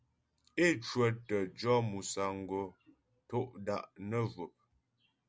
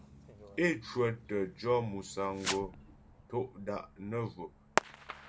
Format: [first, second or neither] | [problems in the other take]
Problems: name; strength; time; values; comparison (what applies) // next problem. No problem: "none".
first | background sound (Fireworks); 7 dB below the speech // room echo; dies away in 0.2 s